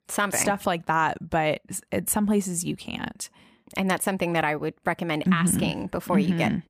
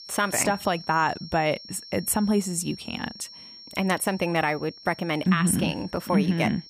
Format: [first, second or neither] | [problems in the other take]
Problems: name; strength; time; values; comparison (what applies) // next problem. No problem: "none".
first | high-pitched whine; noticeable; throughout; 5.5 kHz, 15 dB below the speech